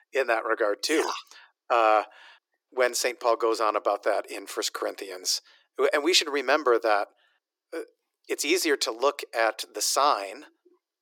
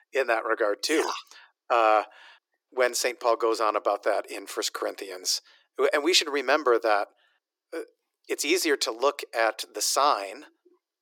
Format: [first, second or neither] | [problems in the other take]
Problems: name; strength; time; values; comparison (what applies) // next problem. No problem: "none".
neither | thin; very; fading below 350 Hz; the same in both